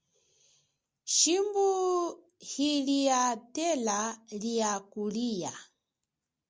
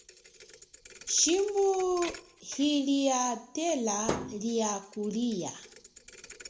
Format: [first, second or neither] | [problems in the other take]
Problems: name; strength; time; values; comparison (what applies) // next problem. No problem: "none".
first | background sound (Thump, thud); 14 dB below the speech // room echo; dies away in 0.5 s